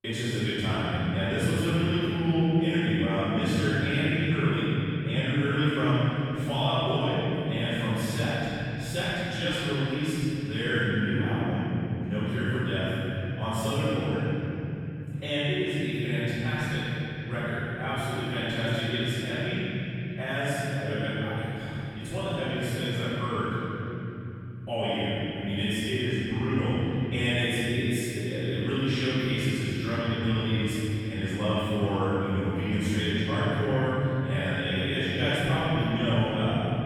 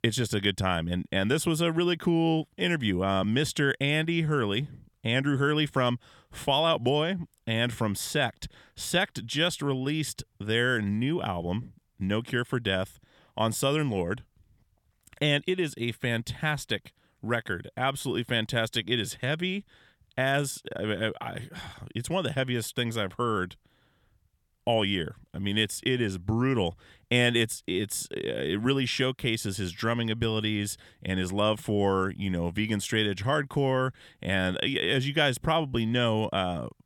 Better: second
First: off-mic speech; far // room echo; strong; dies away in 3 s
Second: none

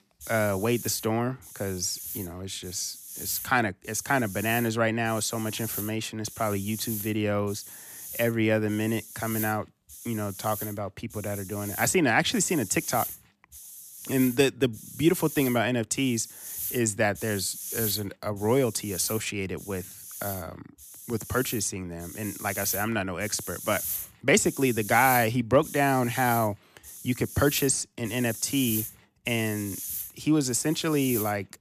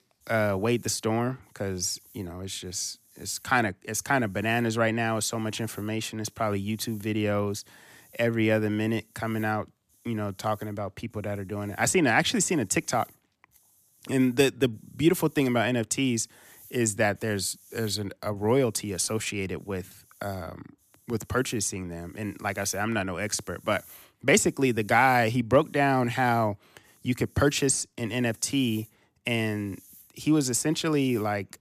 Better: second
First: hiss; loud; throughout; 9 dB below the speech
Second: hiss; faint; throughout; 25 dB below the speech

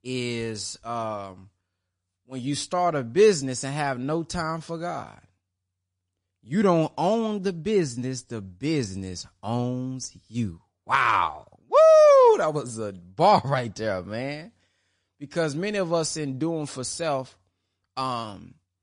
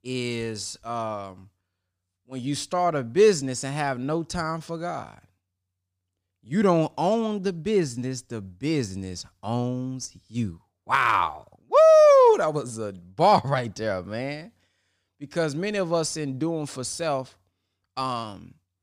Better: second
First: garbled, watery; slightly; nothing above 10 kHz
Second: none

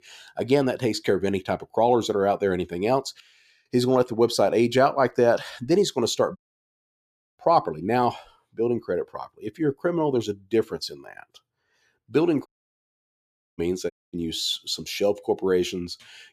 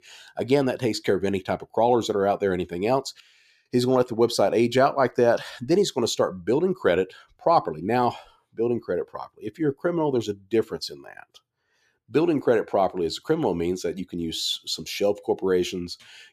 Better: second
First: audio cutting out; at 6.5 s for 1 s, at 12 s for 1 s and at 14 s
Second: none

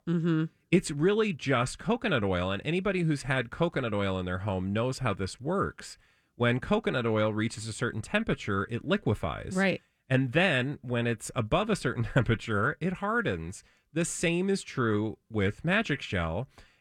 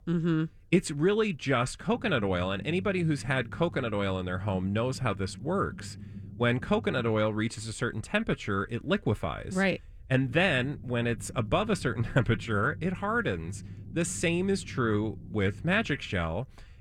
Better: first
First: none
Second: low rumble; faint; throughout; 25 dB below the speech

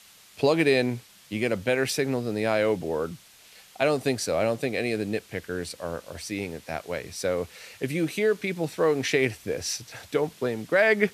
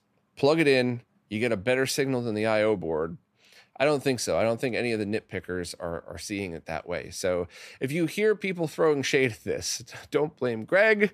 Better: second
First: hiss; faint; throughout; 25 dB below the speech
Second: none

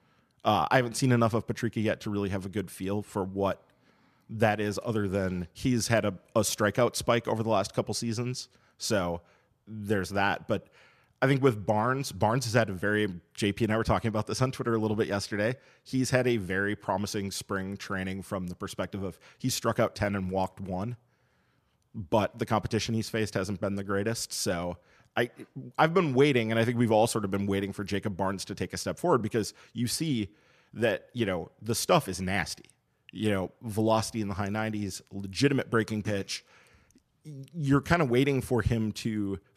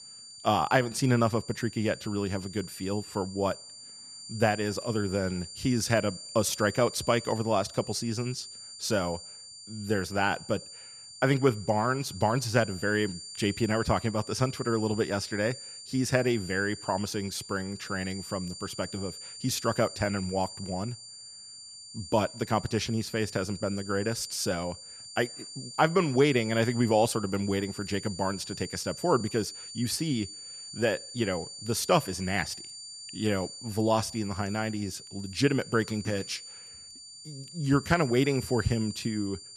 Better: first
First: none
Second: high-pitched whine; noticeable; throughout; 4.5 kHz, 10 dB below the speech

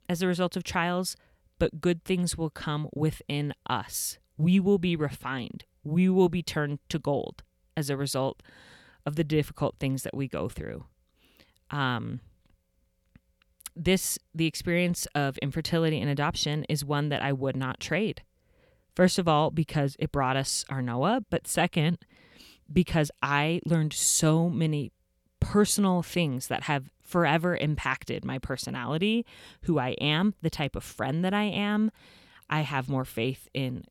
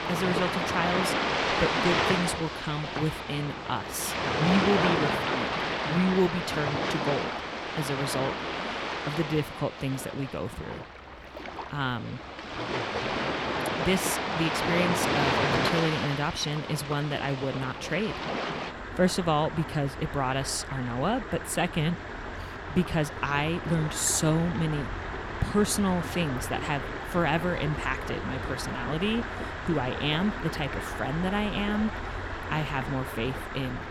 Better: first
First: none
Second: rain or running water; loud; throughout; 2 dB below the speech

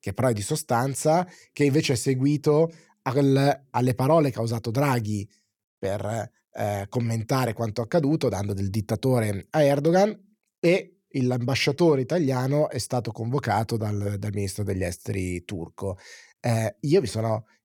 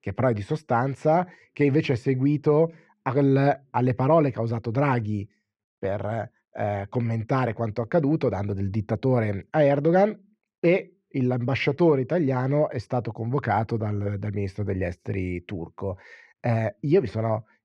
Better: first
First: none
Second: muffled; very; fading above 2 kHz

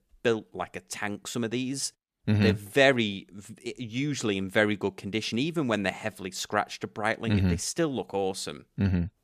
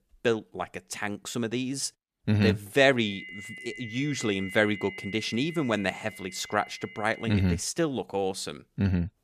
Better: first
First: none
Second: high-pitched whine; noticeable; from 3 to 7.5 s; 2 kHz, 15 dB below the speech

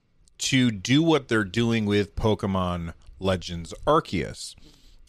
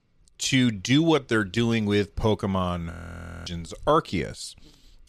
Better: first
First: none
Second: audio freezing; at 3 s for 0.5 s

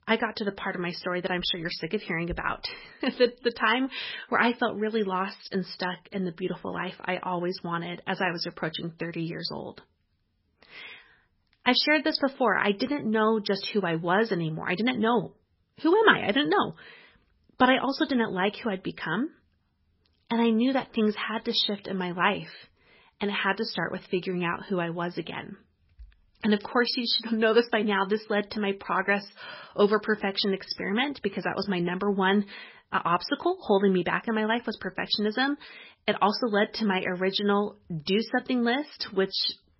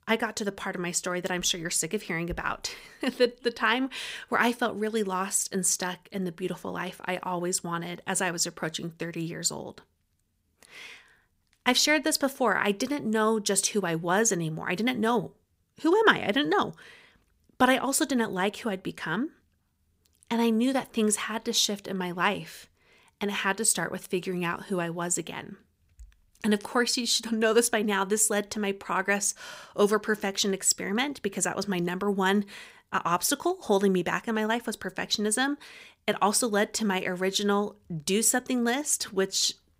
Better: second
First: garbled, watery; badly; nothing above 5.5 kHz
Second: none

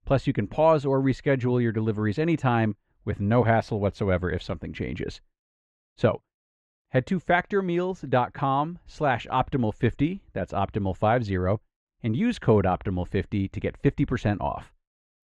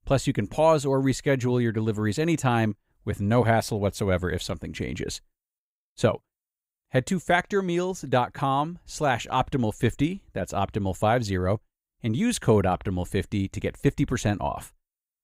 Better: second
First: muffled; slightly; fading above 3 kHz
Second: none

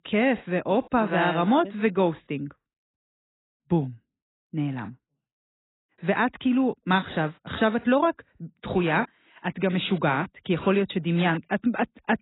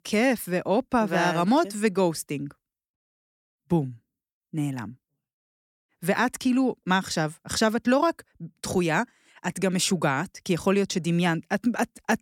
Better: second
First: garbled, watery; badly; nothing above 4 kHz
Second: none

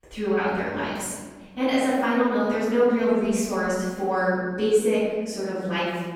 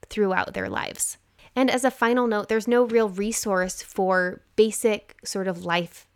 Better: second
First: off-mic speech; far // room echo; strong; dies away in 1.6 s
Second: none

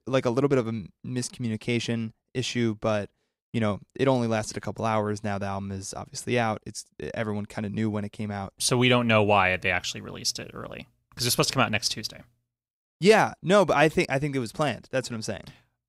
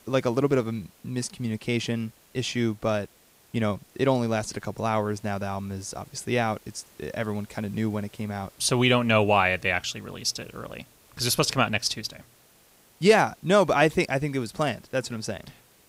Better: first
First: none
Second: hiss; faint; throughout; 30 dB below the speech

